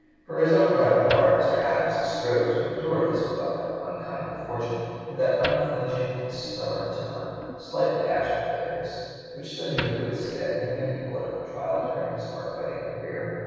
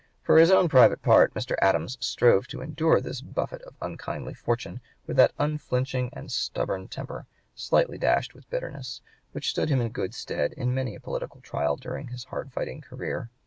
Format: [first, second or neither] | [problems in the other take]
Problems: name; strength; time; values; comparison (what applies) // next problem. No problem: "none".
second | background sound (Wood); 17 dB below the speech // room echo; dies away in 2.2 s